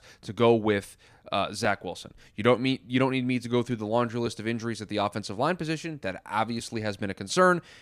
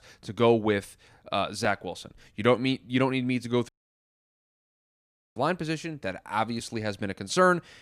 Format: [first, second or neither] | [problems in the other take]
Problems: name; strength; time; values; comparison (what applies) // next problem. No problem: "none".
first | audio cutting out; at 3.5 s for 1.5 s